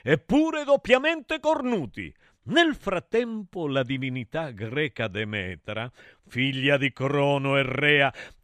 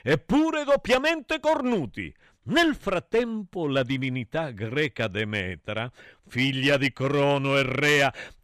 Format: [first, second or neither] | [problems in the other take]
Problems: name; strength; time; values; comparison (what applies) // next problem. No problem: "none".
first | distortion; slight; 4% of the sound clipped